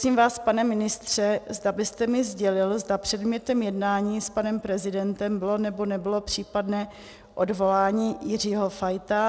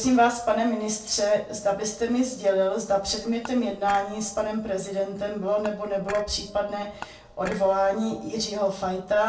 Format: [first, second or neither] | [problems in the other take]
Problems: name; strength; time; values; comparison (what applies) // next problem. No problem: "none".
first | background sound (Dishes, pots, and pans / Chink, clink); 16 dB below the speech // room echo; dies away in 0.4 s